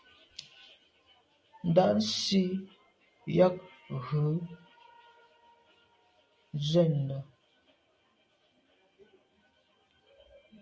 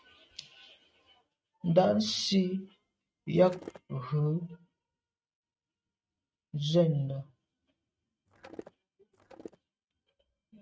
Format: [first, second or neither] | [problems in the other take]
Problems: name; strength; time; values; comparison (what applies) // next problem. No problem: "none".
first | noise reduction (neural mask model RNNoise)